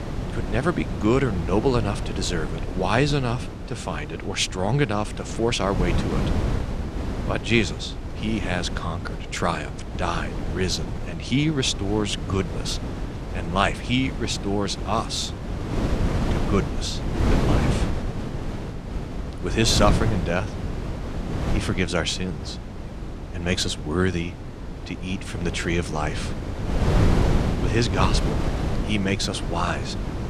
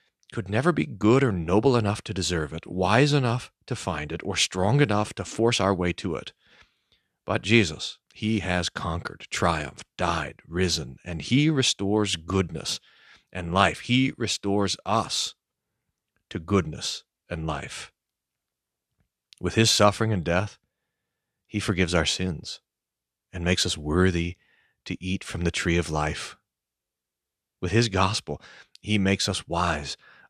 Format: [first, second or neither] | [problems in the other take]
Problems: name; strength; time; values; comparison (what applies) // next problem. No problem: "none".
second | wind noise on the microphone; heavy; 8 dB below the speech